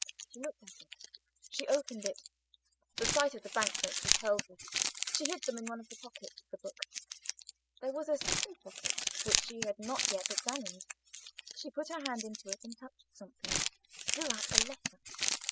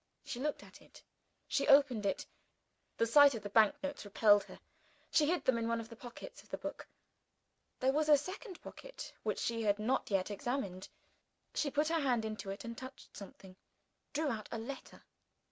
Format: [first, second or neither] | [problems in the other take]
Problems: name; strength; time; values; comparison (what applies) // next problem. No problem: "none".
second | noise reduction (classical method spectral subtraction)